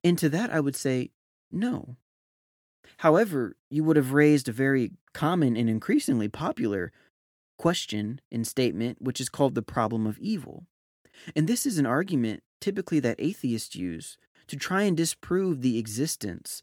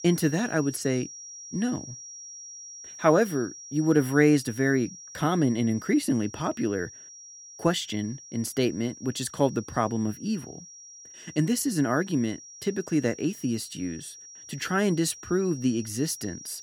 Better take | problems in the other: first | high-pitched whine; noticeable; throughout; 5.5 kHz, 15 dB below the speech

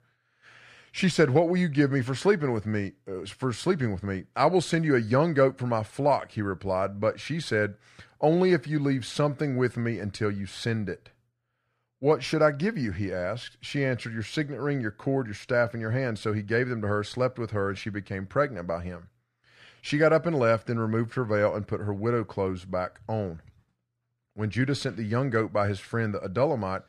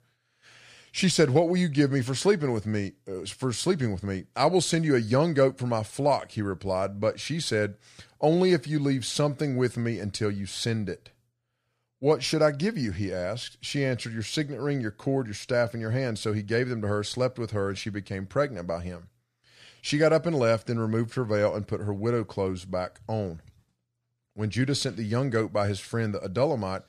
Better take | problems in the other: second | muffled; very slightly; fading above 3.5 kHz

